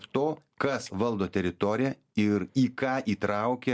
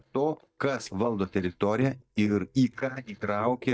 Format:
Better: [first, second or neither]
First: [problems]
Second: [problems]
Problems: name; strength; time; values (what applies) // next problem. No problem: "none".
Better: first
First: none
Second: noise reduction (neural mask model DeepFilterNet 3)